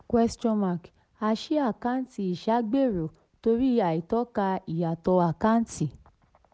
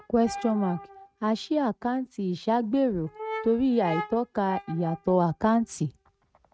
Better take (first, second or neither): first